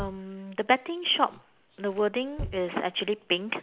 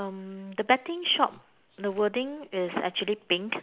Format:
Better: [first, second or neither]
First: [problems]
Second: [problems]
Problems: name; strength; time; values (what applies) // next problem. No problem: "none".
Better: second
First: background sound (Thump, thud); 15 dB below the speech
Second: none